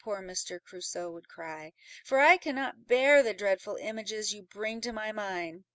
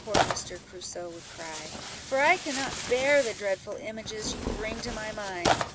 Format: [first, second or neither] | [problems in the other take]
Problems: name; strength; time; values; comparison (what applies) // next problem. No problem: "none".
first | background sound (Tearing); 3 dB below the speech